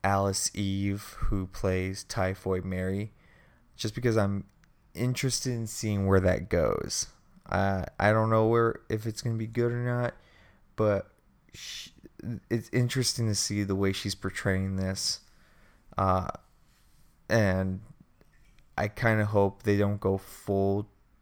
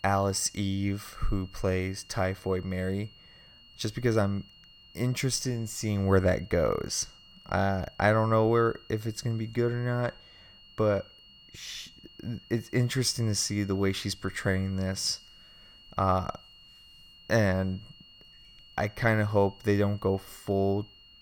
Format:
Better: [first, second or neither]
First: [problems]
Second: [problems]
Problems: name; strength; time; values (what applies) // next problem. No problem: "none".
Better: first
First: none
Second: high-pitched whine; faint; throughout; 3 kHz, 25 dB below the speech